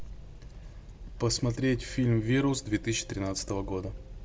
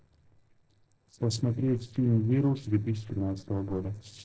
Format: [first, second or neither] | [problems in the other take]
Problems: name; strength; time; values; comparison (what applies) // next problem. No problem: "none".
first | noise reduction (neural separator model SepFormer DNS4)